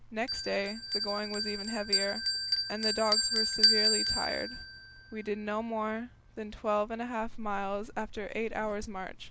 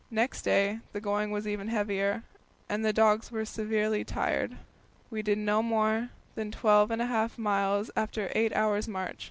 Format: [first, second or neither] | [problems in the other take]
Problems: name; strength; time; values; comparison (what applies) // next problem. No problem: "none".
second | background sound (Bell); 1 dB above the speech